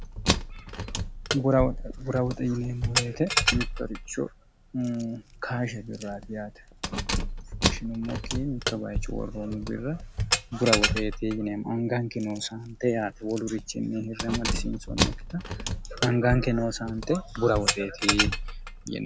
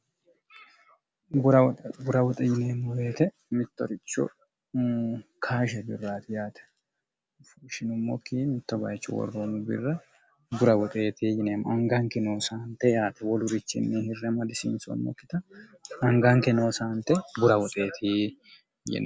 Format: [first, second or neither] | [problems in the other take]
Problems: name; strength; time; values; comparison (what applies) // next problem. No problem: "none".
second | background sound (Keys jangling); 1 dB below the speech